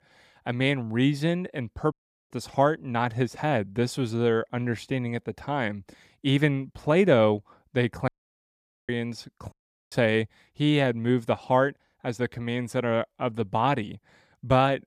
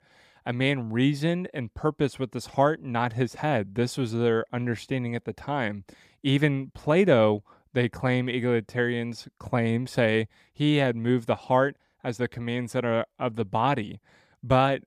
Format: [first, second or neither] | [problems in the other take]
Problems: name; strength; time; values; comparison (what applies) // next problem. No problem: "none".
second | audio cutting out; at 2 s, at 8 s for 1 s and at 9.5 s